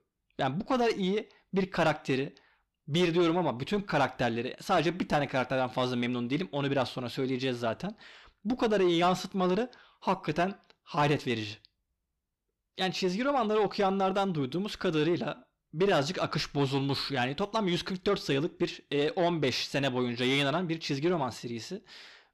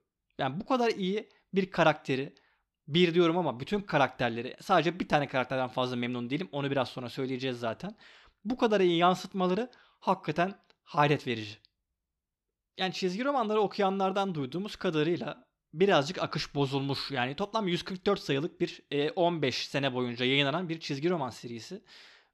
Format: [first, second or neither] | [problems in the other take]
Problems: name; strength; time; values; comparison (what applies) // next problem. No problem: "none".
second | distortion; slight; 10 dB below the speech